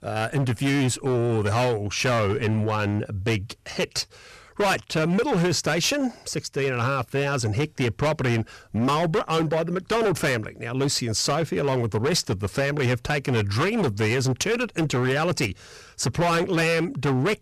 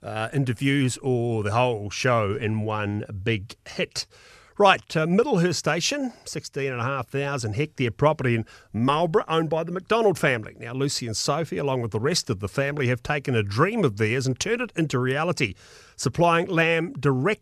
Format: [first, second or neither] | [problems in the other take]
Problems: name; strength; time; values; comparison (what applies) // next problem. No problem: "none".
second | distortion; heavy; 18% of the sound clipped